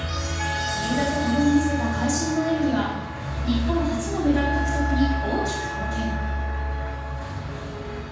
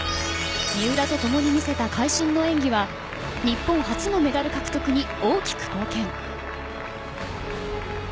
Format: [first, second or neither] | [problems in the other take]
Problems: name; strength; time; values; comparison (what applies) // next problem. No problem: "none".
second | background sound (Wind instrument, woodwind instrument); 9 dB below the speech // room echo; dies away in 1.2 s